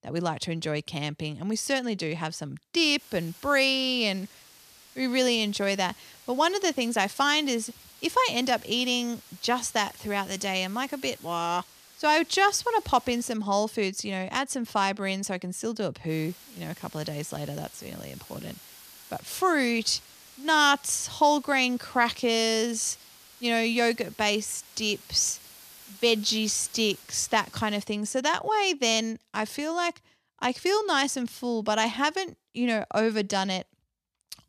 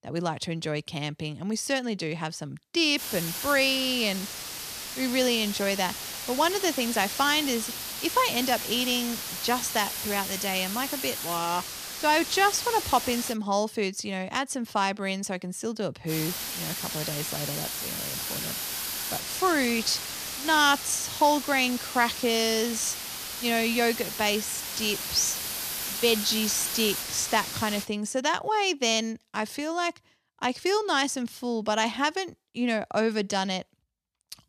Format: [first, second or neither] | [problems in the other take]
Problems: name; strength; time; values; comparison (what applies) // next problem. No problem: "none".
first | hiss; loud; from 3 to 13 s and from 16 to 28 s; 5 dB below the speech; faint in the first